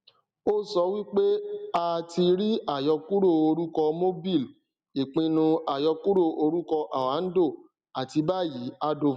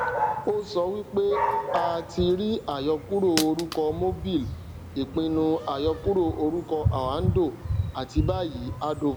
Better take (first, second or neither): first